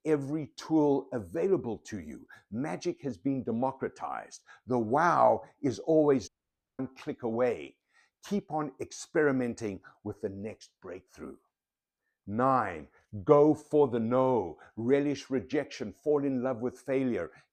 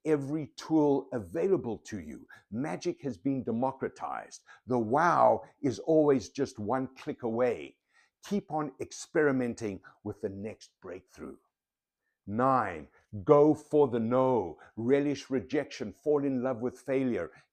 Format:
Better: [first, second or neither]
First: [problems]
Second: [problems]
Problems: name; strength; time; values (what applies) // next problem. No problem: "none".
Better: second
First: audio cutting out; at 6.5 s for 0.5 s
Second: none